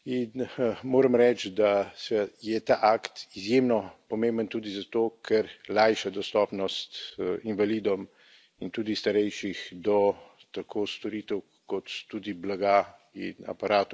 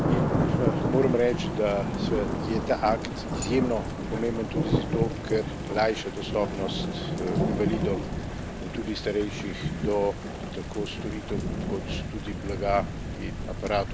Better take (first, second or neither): first